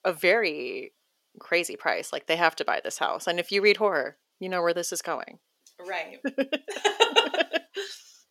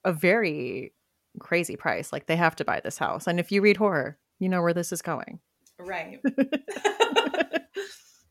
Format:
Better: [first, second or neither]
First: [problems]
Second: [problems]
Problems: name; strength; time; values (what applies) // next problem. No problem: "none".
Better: second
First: thin; somewhat; fading below 450 Hz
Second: none